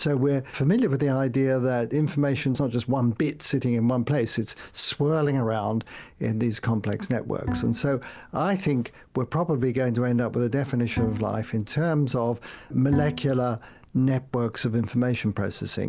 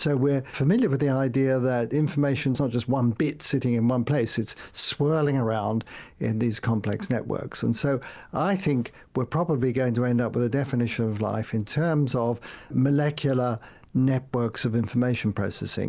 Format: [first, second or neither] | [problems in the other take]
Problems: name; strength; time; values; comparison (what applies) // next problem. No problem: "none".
second | background sound (Bowed string instrument); 9 dB below the speech